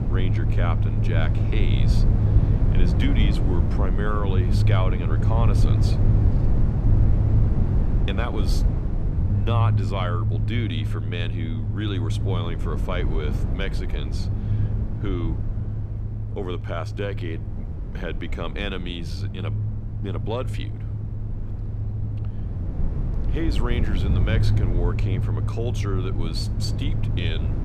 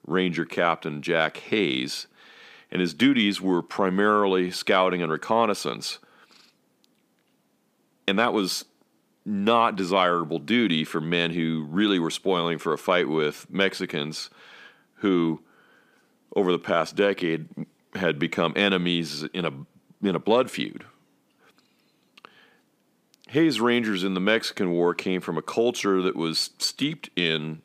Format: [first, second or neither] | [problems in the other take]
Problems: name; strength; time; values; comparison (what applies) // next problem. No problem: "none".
second | low rumble; loud; throughout; 4 dB below the speech